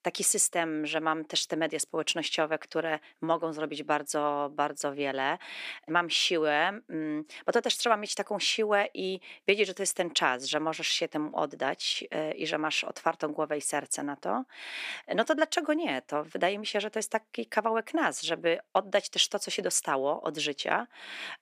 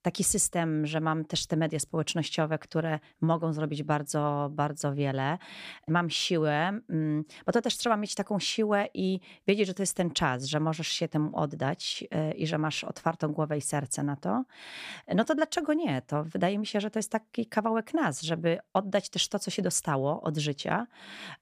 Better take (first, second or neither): second